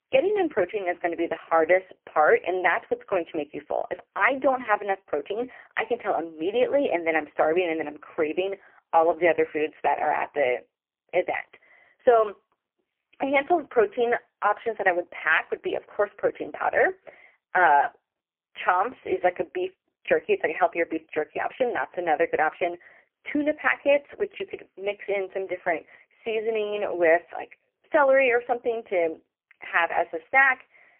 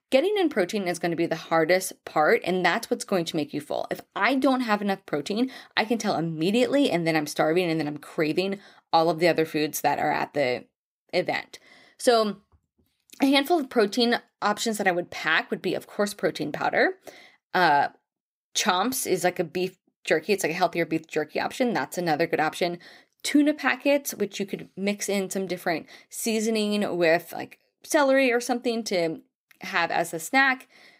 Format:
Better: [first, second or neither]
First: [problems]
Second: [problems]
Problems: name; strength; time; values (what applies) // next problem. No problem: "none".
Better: second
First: phone-call audio; poor line; nothing above 3 kHz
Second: none